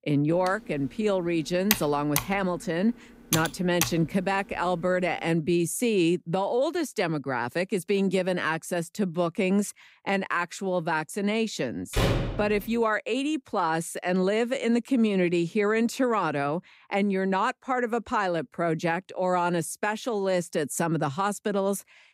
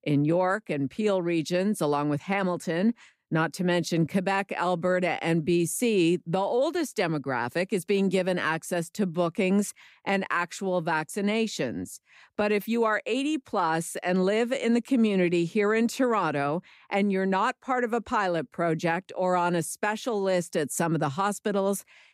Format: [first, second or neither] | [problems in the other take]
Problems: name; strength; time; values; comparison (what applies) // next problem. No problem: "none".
second | keyboard typing; noticeable; until 4 s; peak level with the speech // door banging; loud; at 12 s; peak 1 dB above the speech